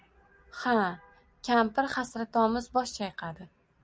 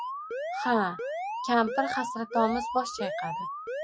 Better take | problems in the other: first | noise reduction (classical method Wiener filter)

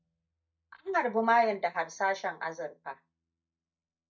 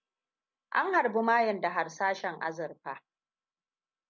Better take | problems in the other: second | noise reduction (neural mask model DeepFilterNet 3)

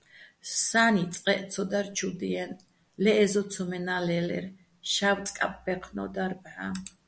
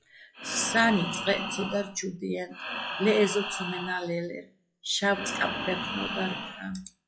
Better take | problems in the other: first | noise reduction (classical method log-MMSE)

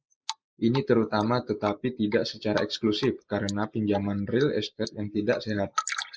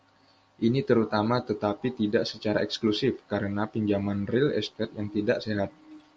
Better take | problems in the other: second | noise reduction (neural mask model Resemble Enhance denoiser)

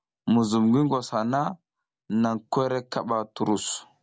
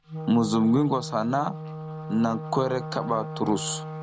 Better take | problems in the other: first | background sound (Wind instrument, woodwind instrument); 9 dB below the speech

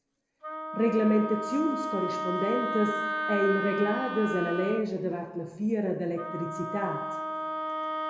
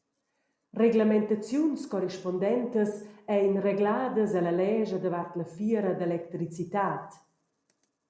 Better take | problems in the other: second | background sound (Wind instrument, woodwind instrument); 5 dB below the speech // room echo; dies away in 1.7 s

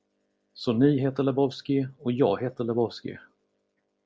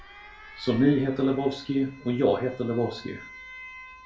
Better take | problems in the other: first | background sound (Alarm); 19 dB below the speech // room echo; dies away in 0.3 s

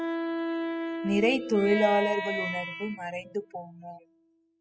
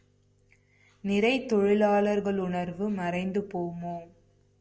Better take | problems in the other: second | noise reduction (classical method spectral subtraction)

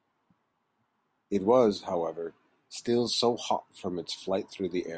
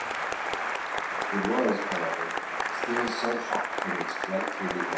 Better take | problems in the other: first | background sound (Applause); 2 dB above the speech // room echo; dies away in 0.7 s

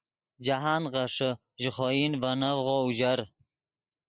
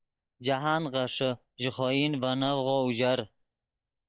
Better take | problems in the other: first | noise reduction (neural mask model DeepFilterNet 3)

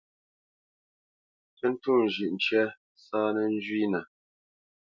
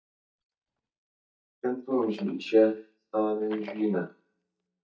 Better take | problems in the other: first | noise reduction (neural mask model DeepFilterNet 3)

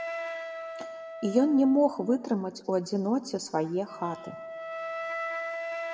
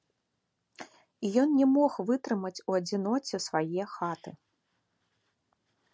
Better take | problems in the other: second | background sound (Wind instrument, woodwind instrument); 9 dB below the speech // room echo; dies away in 0.9 s

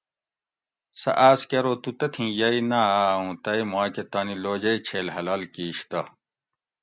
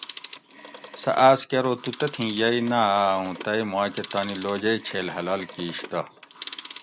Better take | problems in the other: first | background sound (Telephone); 17 dB below the speech

